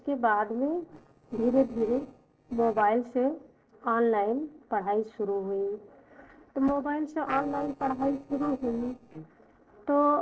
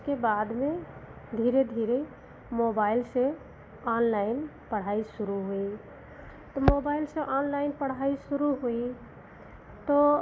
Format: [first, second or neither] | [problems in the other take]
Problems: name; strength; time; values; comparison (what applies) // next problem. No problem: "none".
second | noise reduction (neural separator model SepFormer DNS4)